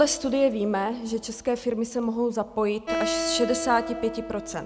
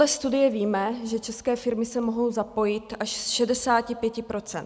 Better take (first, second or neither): second